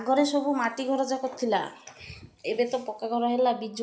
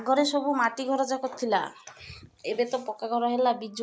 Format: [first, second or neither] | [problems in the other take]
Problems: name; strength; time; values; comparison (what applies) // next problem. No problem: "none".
second | room echo; dies away in 1.6 s